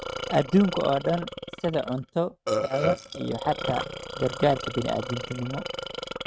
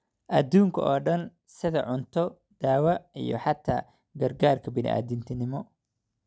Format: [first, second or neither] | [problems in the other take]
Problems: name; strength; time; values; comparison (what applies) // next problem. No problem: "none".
second | noise reduction (neural mask model RNNoise)